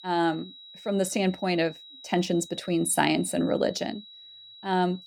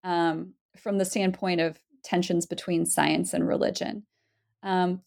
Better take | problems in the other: second | high-pitched whine; noticeable; throughout; 4 kHz, 20 dB below the speech

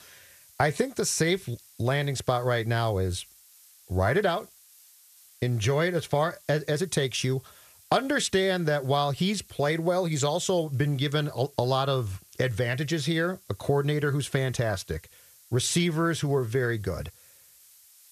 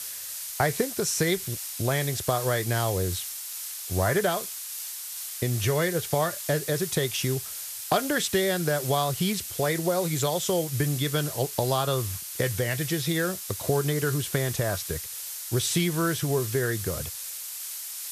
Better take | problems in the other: first | hiss; loud; throughout; 6 dB below the speech; faint in the first

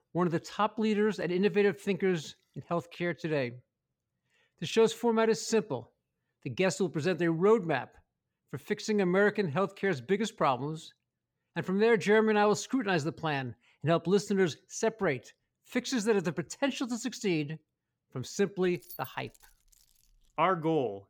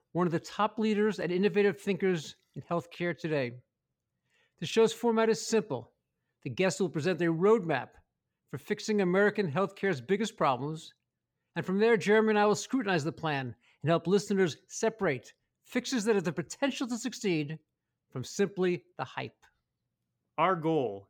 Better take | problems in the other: second | jangling keys; faint; from 19 to 20 s; peak 15 dB below the speech

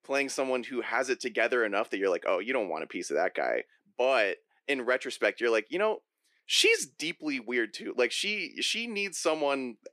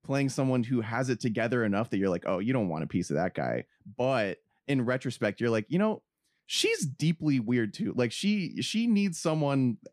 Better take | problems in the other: second | thin; very; fading below 400 Hz

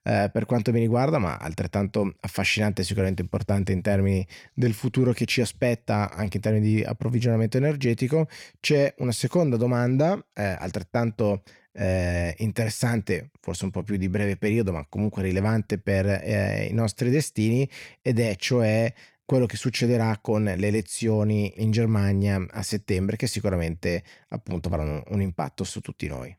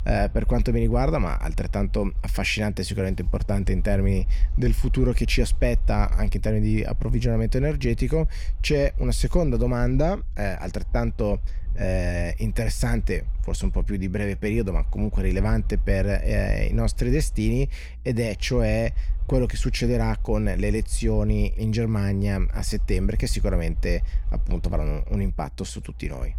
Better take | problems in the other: first | low rumble; faint; throughout; 25 dB below the speech

